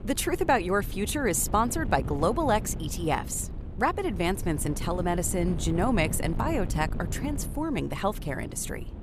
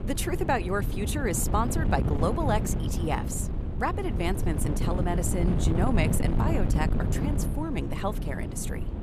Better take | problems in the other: first | wind noise on the microphone; heavy; 7 dB below the speech; occasional gusts in the first

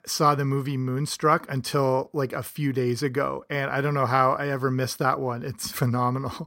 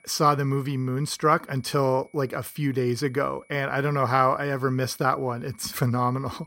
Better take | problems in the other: first | high-pitched whine; faint; throughout; 2.5 kHz, 35 dB below the speech

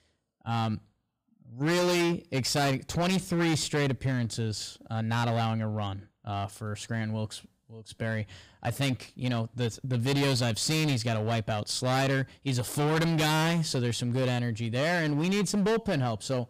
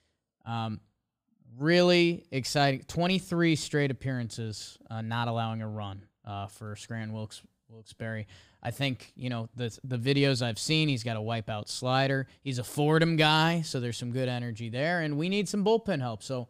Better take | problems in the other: second | distortion; heavy; 16% of the sound clipped

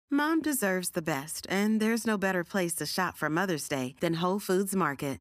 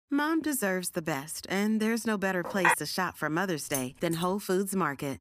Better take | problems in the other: first | clattering dishes; loud; at 2.5 s; peak 4 dB above the speech // jangling keys; noticeable; at 3.5 s; peak 7 dB below the speech

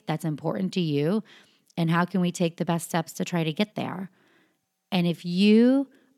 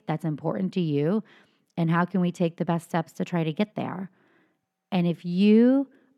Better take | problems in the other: first | muffled; slightly; fading above 3 kHz

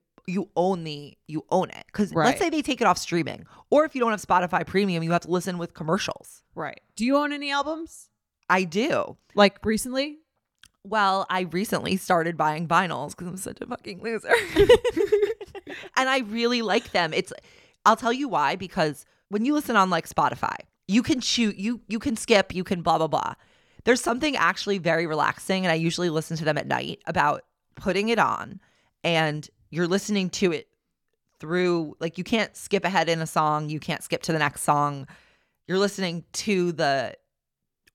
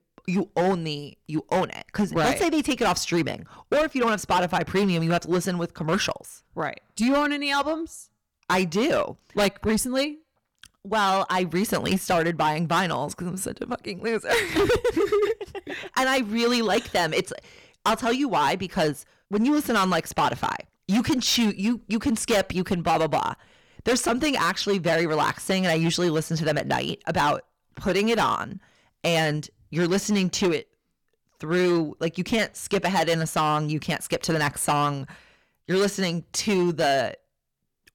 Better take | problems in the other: first | distortion; heavy; 11% of the sound clipped

